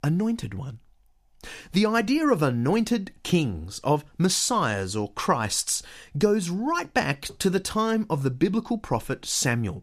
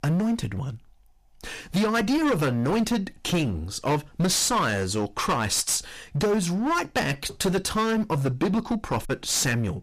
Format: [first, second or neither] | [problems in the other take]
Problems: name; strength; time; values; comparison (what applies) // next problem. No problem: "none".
first | distortion; heavy; 16% of the sound clipped